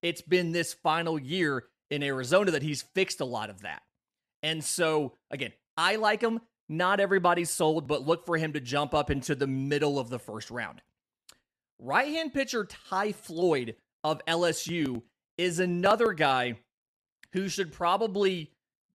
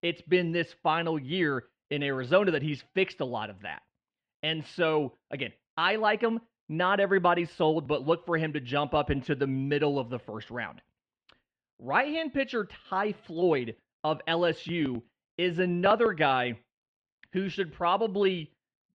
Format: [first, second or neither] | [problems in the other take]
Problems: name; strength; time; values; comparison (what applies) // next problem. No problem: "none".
first | muffled; slightly; fading above 3 kHz